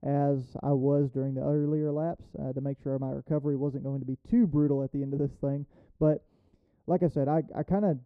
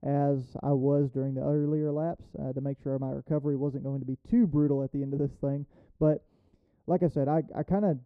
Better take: neither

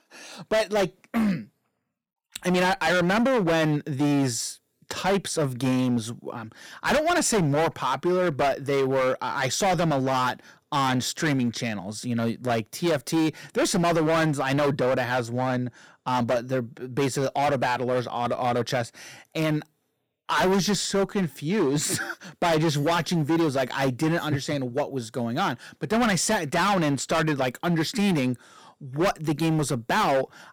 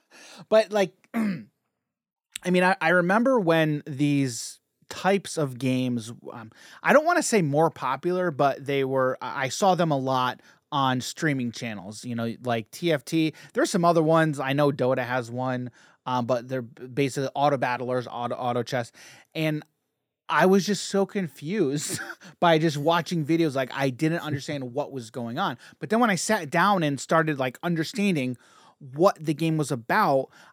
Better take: second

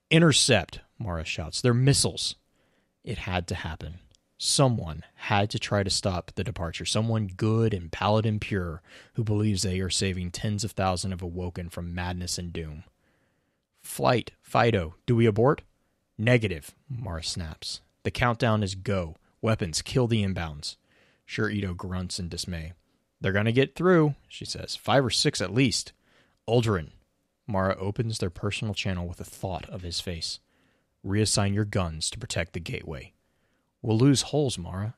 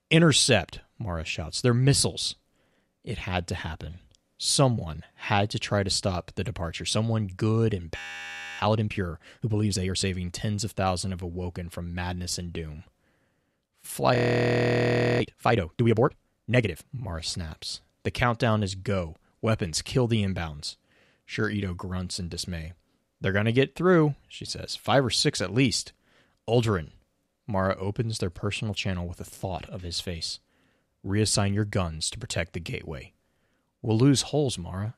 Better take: first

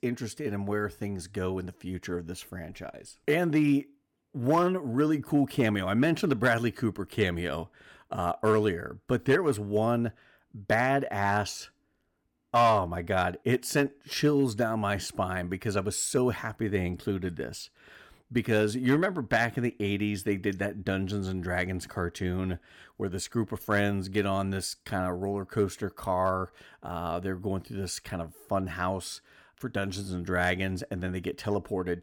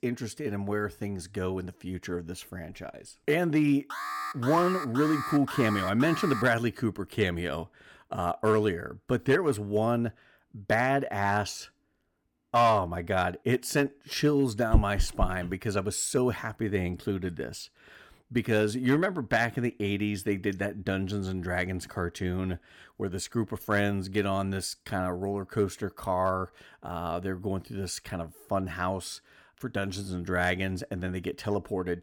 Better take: first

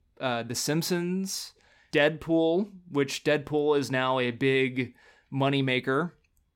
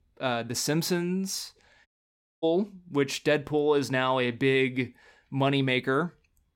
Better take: first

